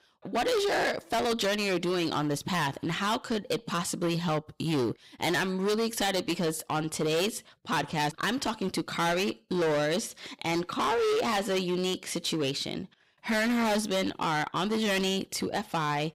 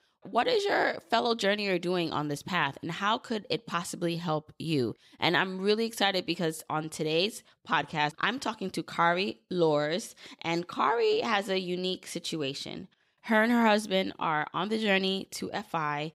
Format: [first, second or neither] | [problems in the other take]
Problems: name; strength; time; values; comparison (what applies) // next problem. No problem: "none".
second | distortion; heavy; 19% of the sound clipped